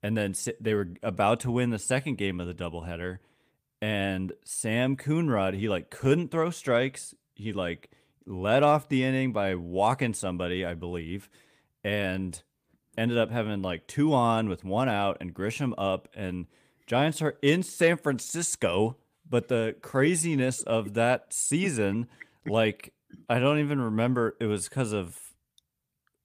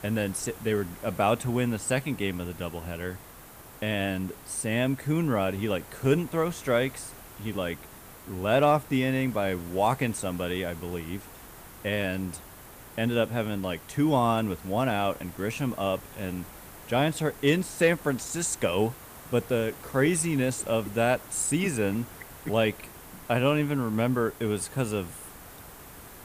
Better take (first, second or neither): first